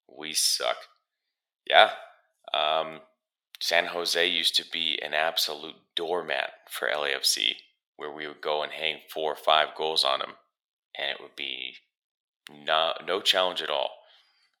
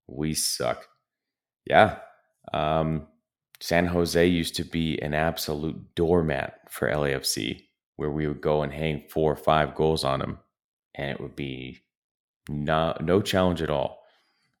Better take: second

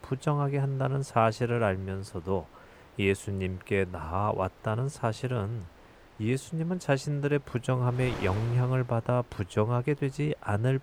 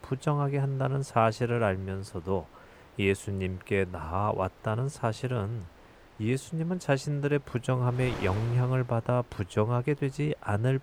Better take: neither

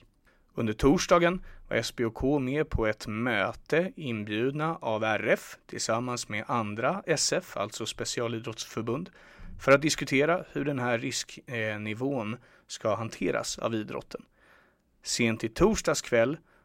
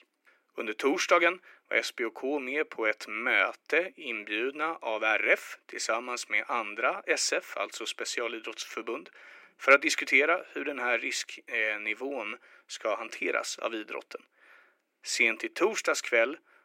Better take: first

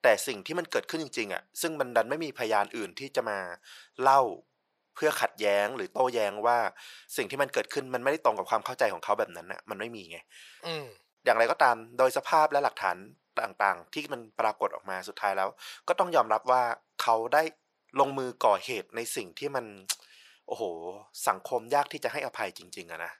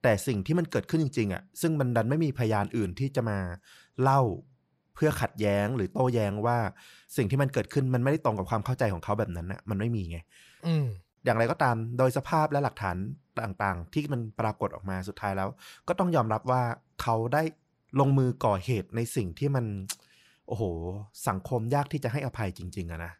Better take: second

